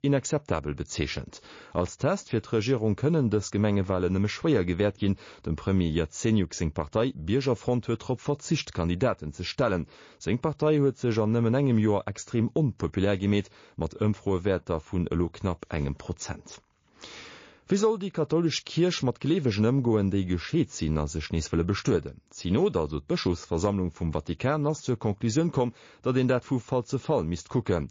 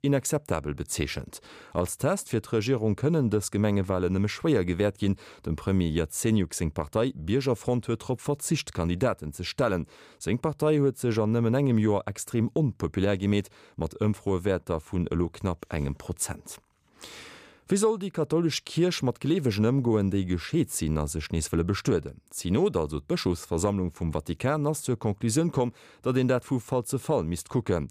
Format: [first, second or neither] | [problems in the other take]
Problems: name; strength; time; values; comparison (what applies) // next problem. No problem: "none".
second | garbled, watery; slightly